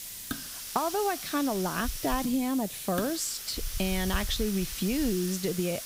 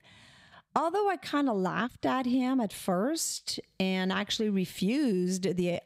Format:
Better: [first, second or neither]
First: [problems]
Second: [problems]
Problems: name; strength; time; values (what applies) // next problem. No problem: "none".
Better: second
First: hiss; loud; throughout; 6 dB below the speech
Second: none